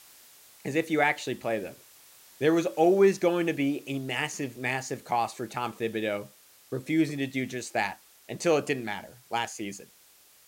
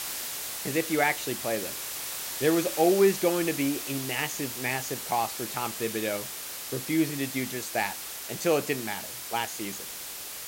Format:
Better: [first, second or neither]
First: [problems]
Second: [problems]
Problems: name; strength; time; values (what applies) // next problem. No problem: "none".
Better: first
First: hiss; faint; throughout; 25 dB below the speech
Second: hiss; loud; throughout; 5 dB below the speech